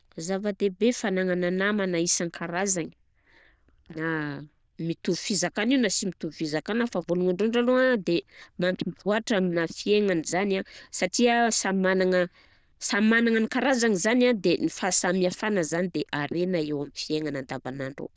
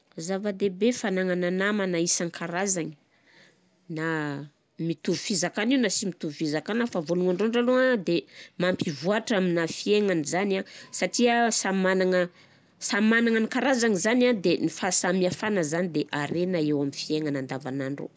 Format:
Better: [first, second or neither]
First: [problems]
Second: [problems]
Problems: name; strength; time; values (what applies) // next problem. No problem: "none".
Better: second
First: noise reduction (neural diffusion model UNIVERSE++)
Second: none